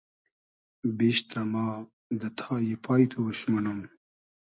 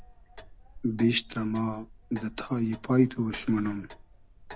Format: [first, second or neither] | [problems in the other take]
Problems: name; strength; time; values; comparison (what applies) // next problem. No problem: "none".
first | background sound (Clock); 18 dB below the speech